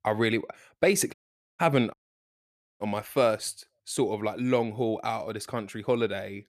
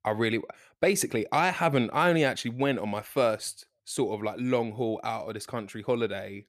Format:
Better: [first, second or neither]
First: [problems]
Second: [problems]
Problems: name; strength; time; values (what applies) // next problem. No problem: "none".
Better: second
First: audio cutting out; at 1 s and at 2 s for 1 s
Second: none